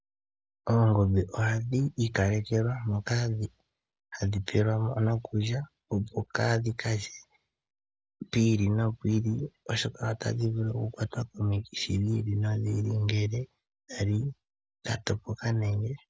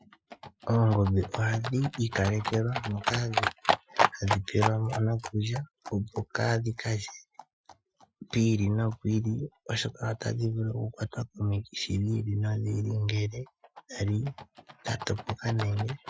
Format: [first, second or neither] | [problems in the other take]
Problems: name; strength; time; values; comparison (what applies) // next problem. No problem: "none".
first | noise reduction (classical method Wiener filter)